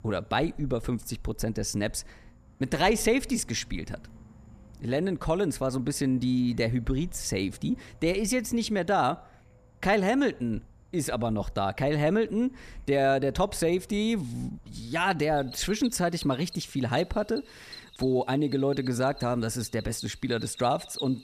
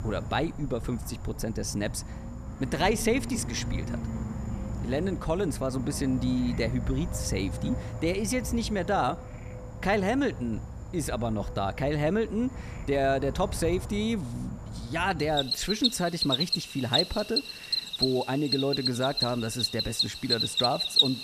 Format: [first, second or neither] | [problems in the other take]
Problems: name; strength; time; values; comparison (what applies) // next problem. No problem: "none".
first | animal sounds; loud; throughout; 3 dB below the speech; faint in the first